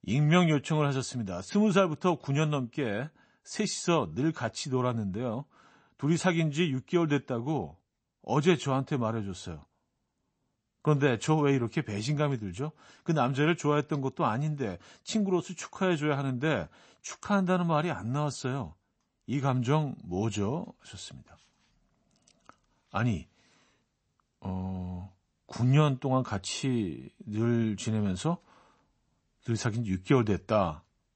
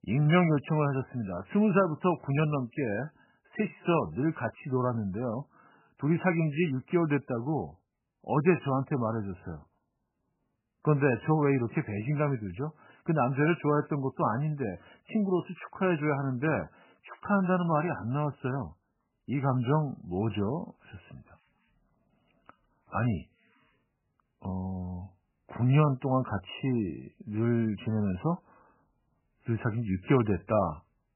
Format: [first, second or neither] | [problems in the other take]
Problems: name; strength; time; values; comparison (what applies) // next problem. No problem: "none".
first | garbled, watery; badly; nothing above 3 kHz; slightly in the first